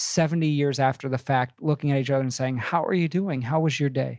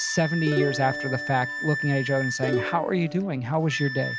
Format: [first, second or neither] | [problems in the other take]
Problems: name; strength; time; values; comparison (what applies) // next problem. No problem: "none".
first | background sound (Plucked string instrument + Wind instrument, woodwind instrument); 5 dB below the speech